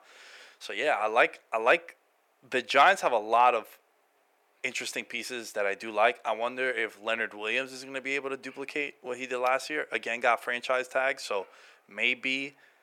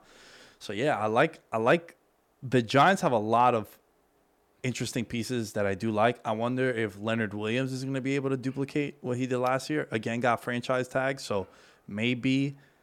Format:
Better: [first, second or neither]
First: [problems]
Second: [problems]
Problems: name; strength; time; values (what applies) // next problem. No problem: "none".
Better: second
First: thin; very; fading below 550 Hz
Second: none